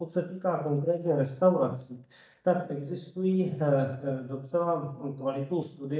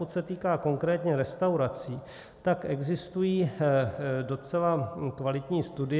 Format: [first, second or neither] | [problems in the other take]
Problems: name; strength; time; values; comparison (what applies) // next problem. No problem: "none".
second | noise reduction (neural mask model DeepFilterNet 3)